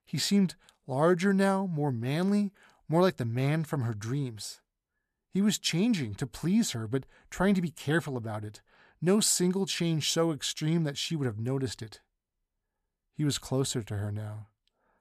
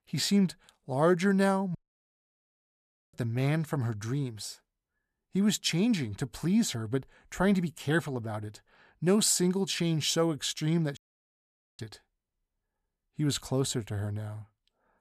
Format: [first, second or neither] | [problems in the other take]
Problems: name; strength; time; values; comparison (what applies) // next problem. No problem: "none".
first | audio cutting out; at 2 s for 1.5 s and at 11 s for 1 s